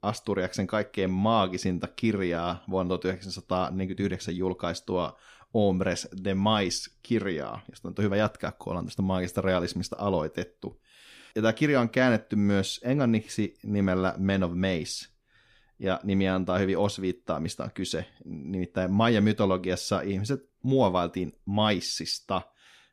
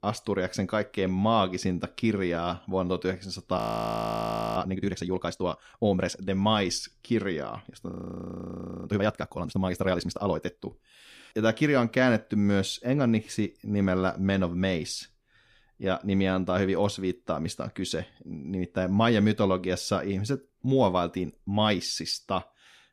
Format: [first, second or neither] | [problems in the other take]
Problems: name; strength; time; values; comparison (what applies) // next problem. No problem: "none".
first | audio freezing; at 3.5 s for 1 s and at 8 s for 1 s